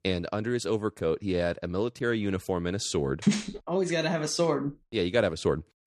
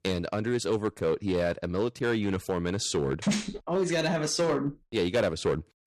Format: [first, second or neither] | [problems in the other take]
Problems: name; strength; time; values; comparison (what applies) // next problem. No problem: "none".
first | distortion; slight; 5% of the sound clipped